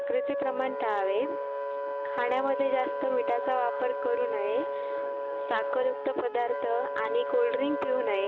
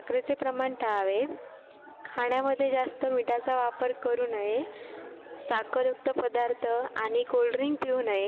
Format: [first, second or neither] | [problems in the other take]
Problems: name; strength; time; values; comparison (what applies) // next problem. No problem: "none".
second | background sound (Wind instrument, woodwind instrument); 3 dB below the speech